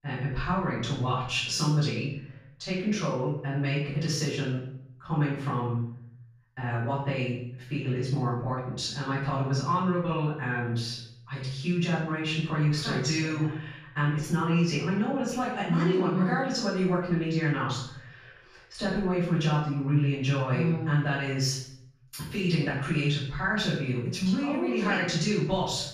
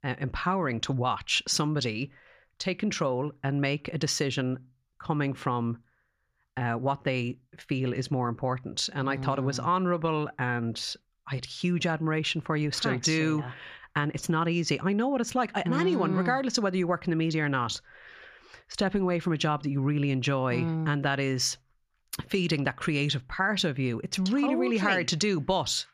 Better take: second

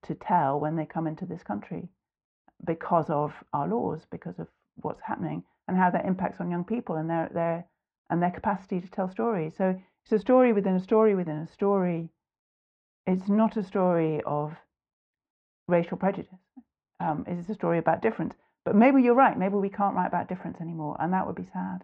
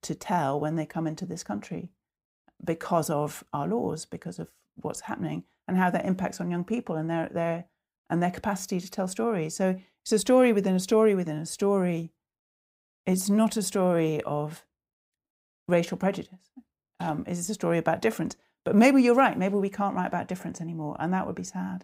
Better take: second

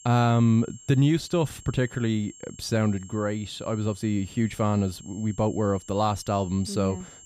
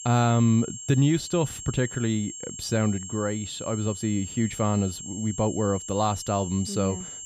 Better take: first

